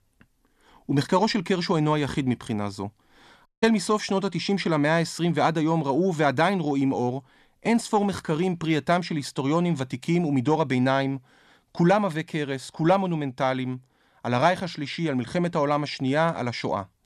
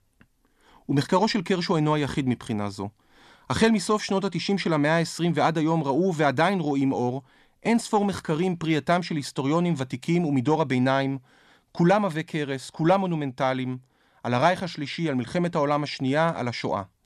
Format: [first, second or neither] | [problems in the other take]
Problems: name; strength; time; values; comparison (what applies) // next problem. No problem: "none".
second | audio cutting out; at 3.5 s